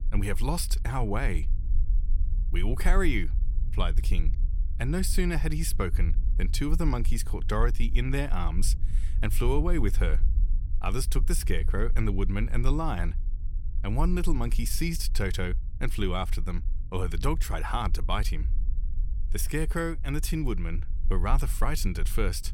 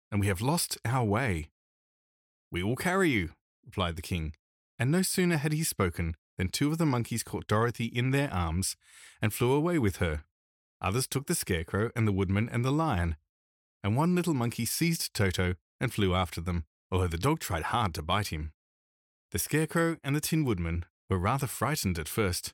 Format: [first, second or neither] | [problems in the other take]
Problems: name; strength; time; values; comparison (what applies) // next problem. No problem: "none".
second | low rumble; noticeable; throughout; 20 dB below the speech